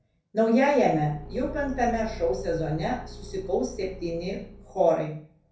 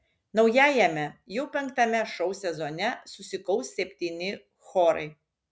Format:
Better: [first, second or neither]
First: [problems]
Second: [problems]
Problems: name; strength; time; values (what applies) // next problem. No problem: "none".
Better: second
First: background sound (Engine / Car); 14 dB below the speech // room echo; dies away in 0.6 s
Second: none